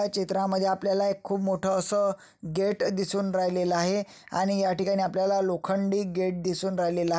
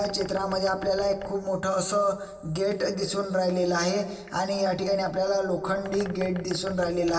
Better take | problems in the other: first | background sound (Bird); 19 dB below the speech // room echo; dies away in 2.2 s

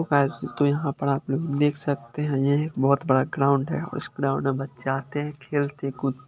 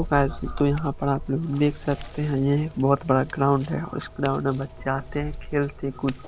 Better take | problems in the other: first | background sound (Scissors); 12 dB below the speech

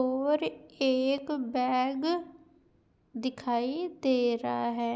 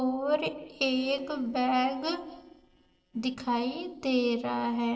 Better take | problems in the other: first | noise reduction (neural separator model SepFormer DNS4)

